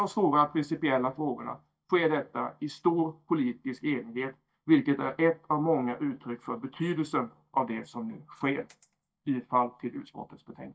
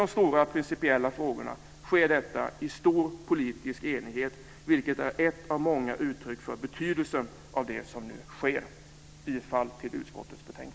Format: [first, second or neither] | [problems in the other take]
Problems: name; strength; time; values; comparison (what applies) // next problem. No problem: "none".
second | noise reduction (neural mask model DeepFilterNet 3)